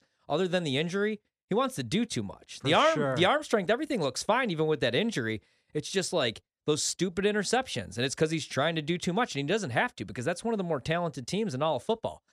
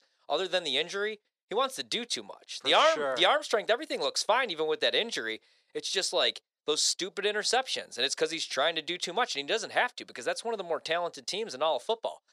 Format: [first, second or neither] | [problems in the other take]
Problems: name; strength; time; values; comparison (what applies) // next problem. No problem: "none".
first | thin; very; fading below 550 Hz